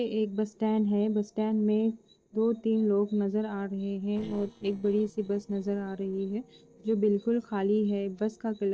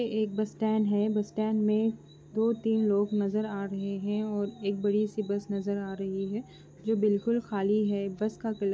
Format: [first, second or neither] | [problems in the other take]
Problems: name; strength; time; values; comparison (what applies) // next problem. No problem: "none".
second | noise reduction (neural separator model SepFormer DNS4)